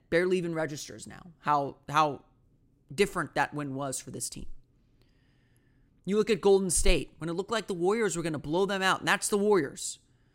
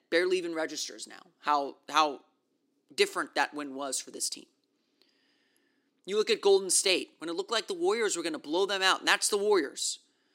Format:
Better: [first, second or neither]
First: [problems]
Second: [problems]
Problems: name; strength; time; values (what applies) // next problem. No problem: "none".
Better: first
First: none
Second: thin; somewhat; fading below 300 Hz